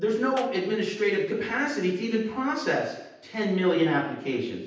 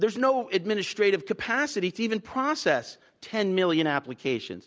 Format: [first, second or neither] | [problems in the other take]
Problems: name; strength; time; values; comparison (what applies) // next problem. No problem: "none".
second | background sound (Clapping); 19 dB below the speech // room echo; dies away in 0.9 s